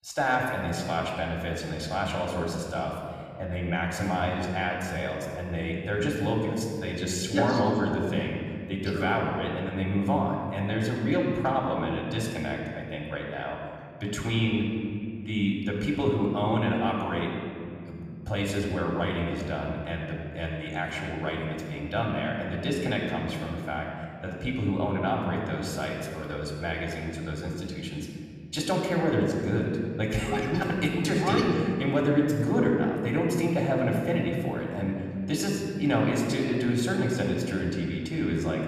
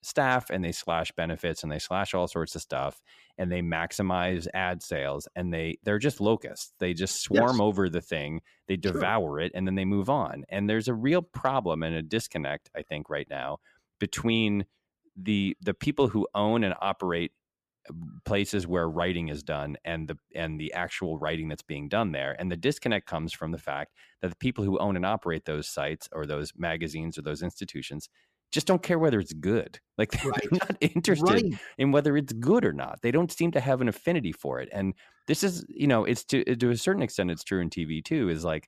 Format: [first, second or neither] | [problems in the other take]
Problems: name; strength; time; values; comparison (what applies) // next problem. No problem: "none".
second | off-mic speech; far // room echo; noticeable; dies away in 2.3 s